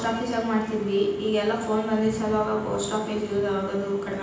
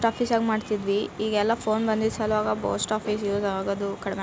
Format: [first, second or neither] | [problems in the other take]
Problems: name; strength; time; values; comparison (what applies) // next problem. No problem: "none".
second | room echo; dies away in 0.9 s